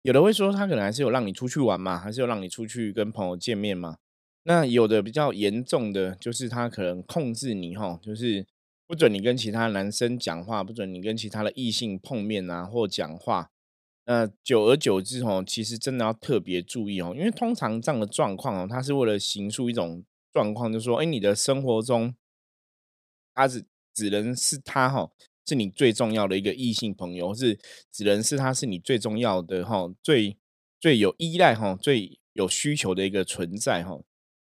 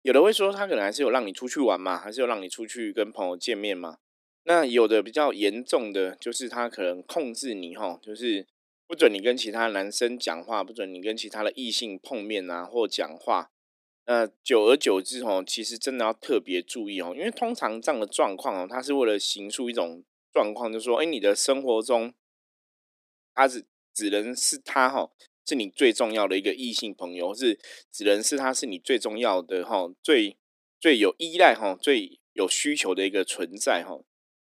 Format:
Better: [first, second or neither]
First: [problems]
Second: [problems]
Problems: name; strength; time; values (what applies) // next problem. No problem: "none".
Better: first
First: none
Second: thin; very slightly; fading below 300 Hz